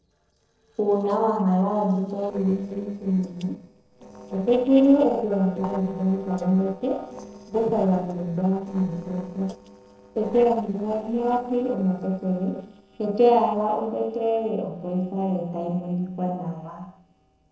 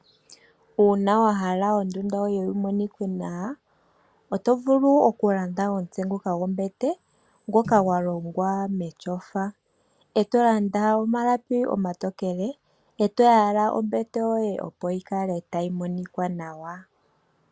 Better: second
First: noise reduction (neural separator model SepFormer DNS4)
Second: none

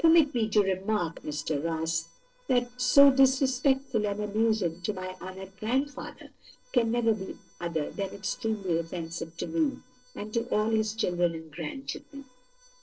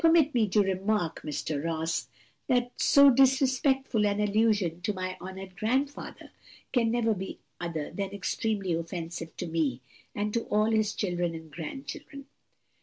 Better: second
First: noise reduction (neural separator model SepFormer DNS4)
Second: none

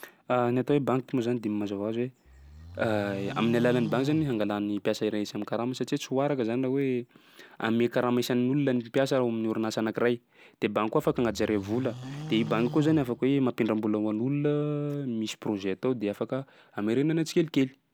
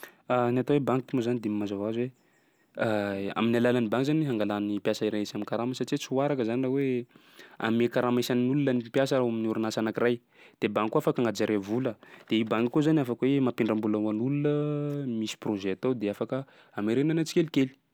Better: second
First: background sound (Livestock, farm animals, working animals); 13 dB below the speech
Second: none

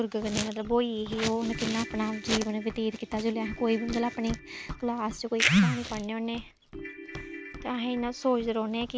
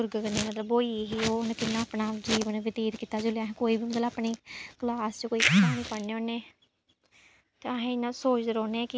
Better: second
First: background sound (Run + Ringtone / Keyboard (musical)); 14 dB below the speech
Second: none

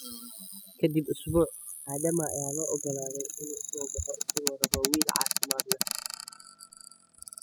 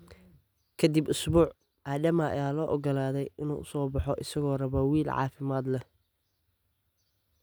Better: second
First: noise reduction (classical method spectral subtraction)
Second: none

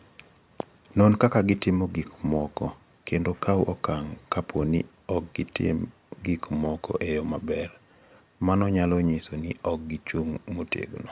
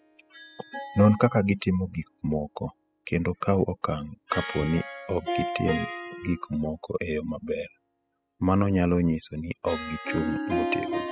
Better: first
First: none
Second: noise reduction (classical method spectral subtraction)

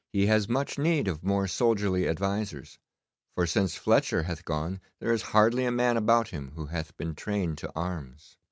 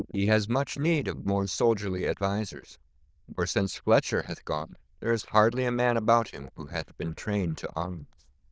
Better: first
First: none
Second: noise reduction (neural diffusion model UNIVERSE++)

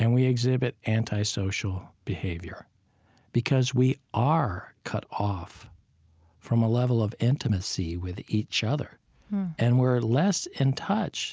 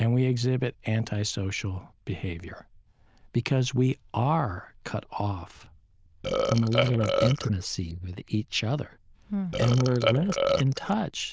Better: first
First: none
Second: noise reduction (neural diffusion model UNIVERSE++)

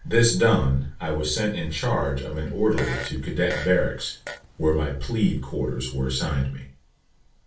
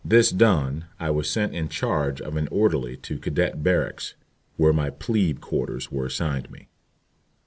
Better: second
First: background sound (Fart); 12 dB below the speech // room echo; dies away in 0.3 s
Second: none

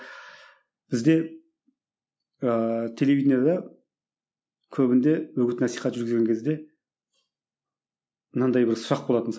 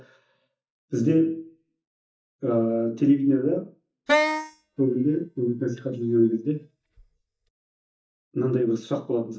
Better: first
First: none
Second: noise reduction (neural mask model DeepFilterNet 3)

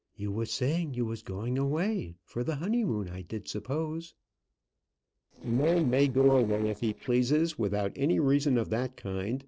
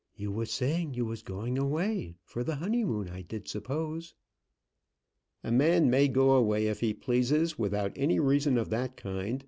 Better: second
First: noise reduction (neural separator model SepFormer DNS4)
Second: none

